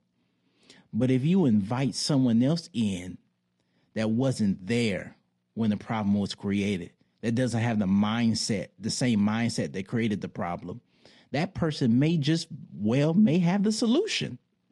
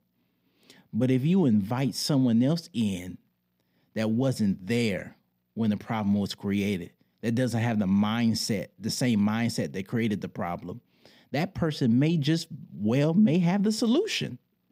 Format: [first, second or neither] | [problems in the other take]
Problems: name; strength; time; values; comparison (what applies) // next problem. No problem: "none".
second | garbled, watery; slightly; nothing above 10.5 kHz